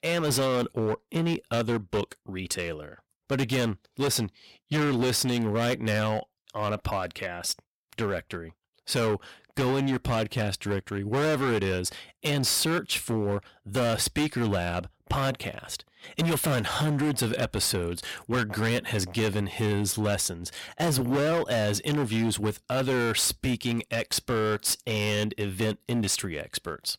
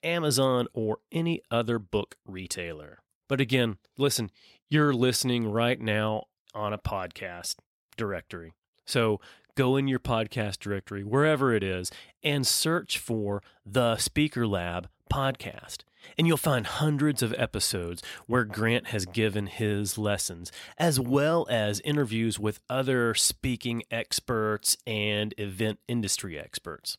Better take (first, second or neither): second